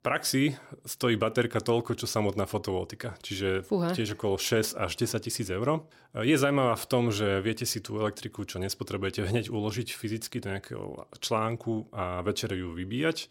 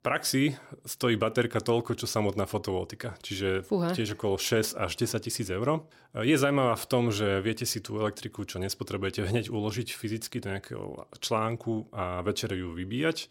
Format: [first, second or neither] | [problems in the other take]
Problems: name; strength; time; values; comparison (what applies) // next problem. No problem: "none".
neither | none